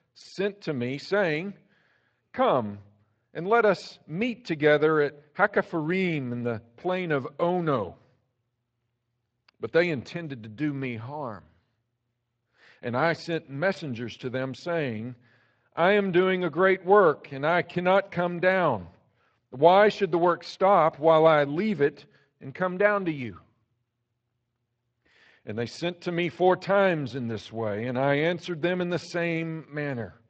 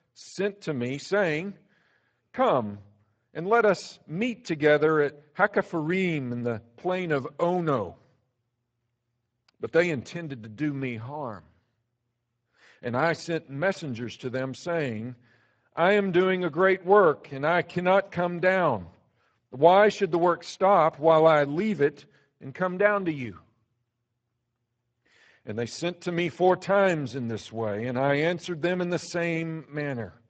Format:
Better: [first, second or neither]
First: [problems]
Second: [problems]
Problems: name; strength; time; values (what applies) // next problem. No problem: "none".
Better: first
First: garbled, watery; slightly; nothing above 7.5 kHz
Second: garbled, watery; badly; nothing above 8 kHz